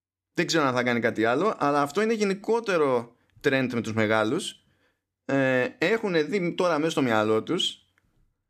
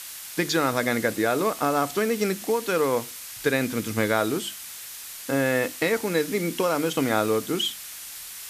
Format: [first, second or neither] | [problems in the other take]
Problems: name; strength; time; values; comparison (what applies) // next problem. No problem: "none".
first | hiss; noticeable; throughout; 10 dB below the speech